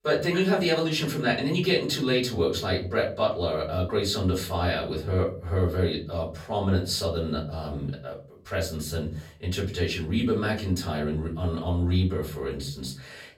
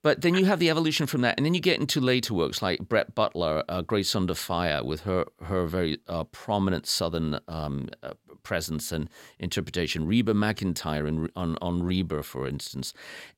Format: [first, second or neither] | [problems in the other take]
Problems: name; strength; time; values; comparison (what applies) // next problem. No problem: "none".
second | off-mic speech; far // room echo; slight; dies away in 0.4 s